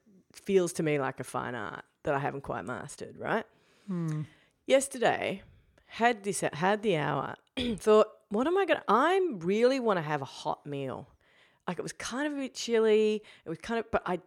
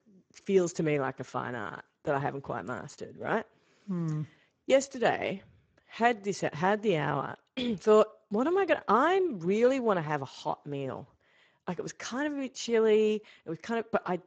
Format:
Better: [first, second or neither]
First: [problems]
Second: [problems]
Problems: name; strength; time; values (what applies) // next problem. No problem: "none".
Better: first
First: none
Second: garbled, watery; badly; nothing above 7.5 kHz